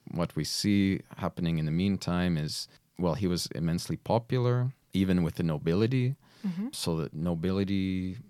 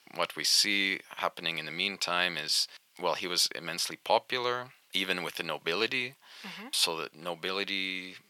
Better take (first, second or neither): first